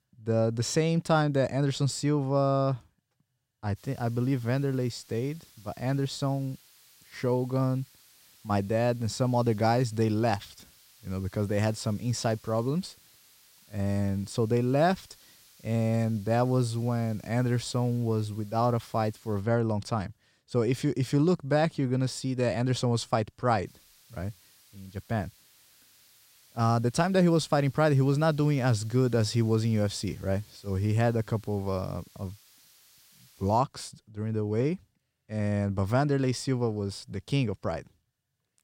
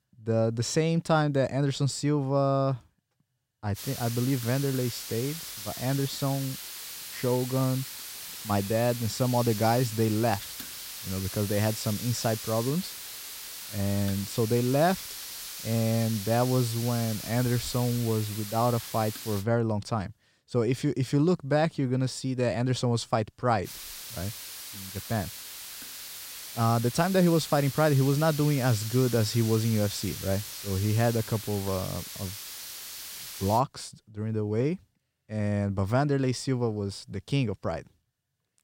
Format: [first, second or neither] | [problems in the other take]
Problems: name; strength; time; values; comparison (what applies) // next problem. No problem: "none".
first | hiss; loud; from 4 to 19 s and from 24 to 34 s; 9 dB below the speech; faint in the first